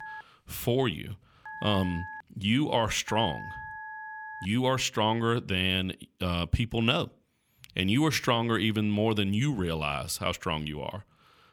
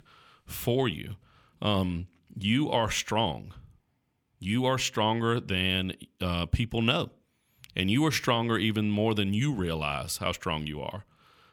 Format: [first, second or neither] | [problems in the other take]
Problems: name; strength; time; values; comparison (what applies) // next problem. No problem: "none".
second | phone ringing; faint; until 4.5 s; peak 10 dB below the speech